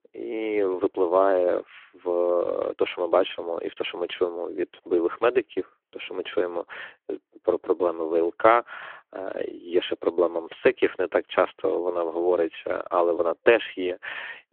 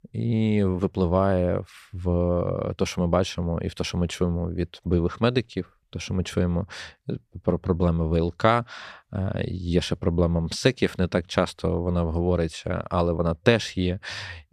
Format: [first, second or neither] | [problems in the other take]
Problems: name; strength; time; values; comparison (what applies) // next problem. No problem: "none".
second | phone-call audio